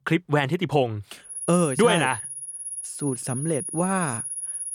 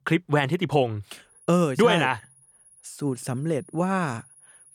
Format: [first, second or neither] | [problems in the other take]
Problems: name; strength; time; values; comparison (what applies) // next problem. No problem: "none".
second | high-pitched whine; loud; from 1.5 s on; 10.5 kHz, 7 dB below the speech; faint in the second